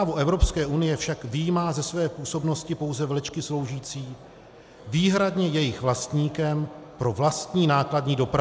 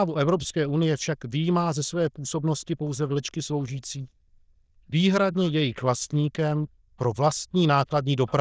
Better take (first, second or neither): first